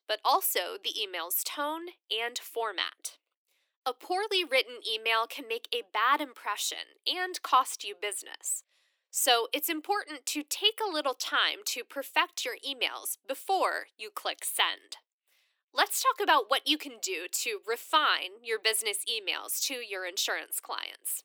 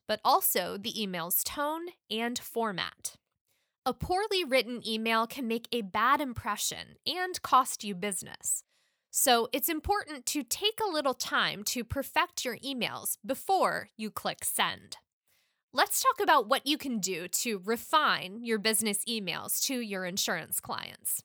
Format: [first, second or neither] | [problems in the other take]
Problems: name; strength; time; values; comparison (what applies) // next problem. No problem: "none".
second | thin; somewhat; fading below 300 Hz